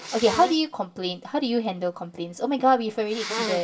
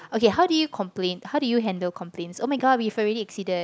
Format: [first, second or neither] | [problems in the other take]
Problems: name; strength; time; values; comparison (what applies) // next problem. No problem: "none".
second | background sound (Sneeze); 11 dB below the speech // room echo; dies away in 0.2 s